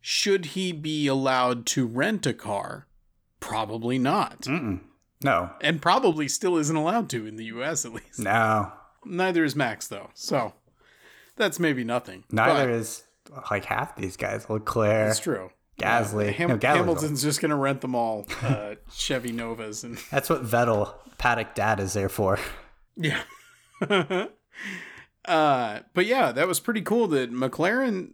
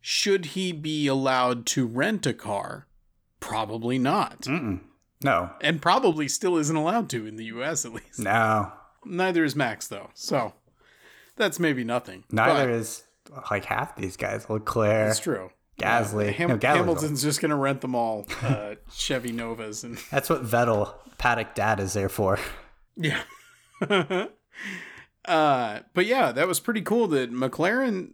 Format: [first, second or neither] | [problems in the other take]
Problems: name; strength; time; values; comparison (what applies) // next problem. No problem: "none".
neither | none